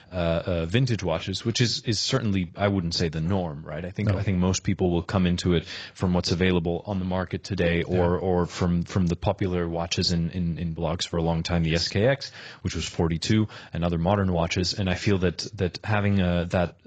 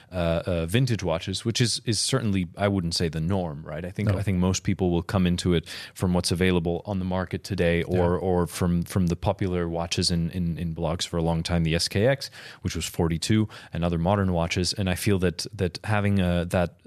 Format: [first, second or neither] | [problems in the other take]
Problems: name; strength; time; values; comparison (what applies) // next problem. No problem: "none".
second | garbled, watery; badly; nothing above 7.5 kHz